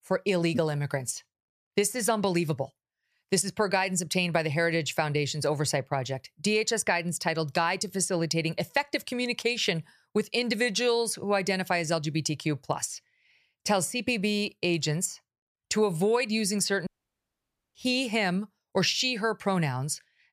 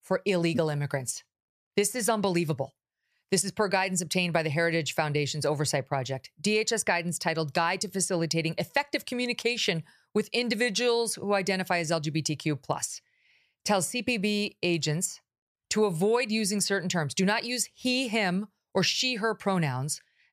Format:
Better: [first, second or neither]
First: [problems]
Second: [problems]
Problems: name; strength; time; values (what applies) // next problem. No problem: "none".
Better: second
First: audio cutting out; at 17 s for 1 s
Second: none